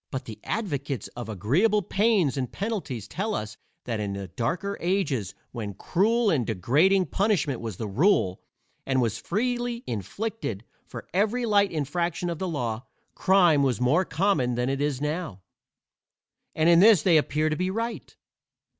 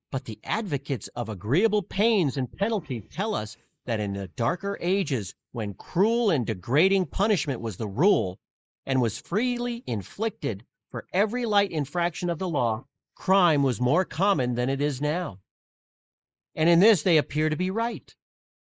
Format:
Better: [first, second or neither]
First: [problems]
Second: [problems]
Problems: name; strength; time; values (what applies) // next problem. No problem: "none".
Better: first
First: none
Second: noise reduction (neural mask model Resemble Enhance denoiser)